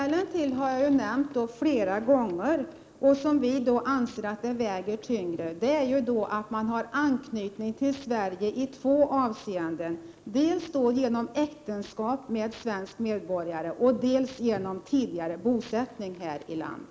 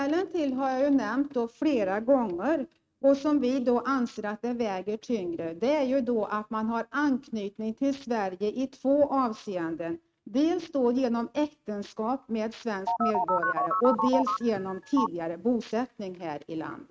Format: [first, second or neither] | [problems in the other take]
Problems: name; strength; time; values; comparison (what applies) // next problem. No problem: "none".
first | noise reduction (neural mask model RNNoise)